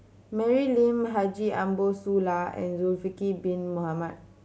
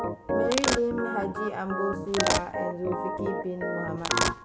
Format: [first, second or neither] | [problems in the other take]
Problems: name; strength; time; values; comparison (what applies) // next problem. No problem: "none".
first | background sound (Organ + Domestic sounds, home sounds); 2 dB above the speech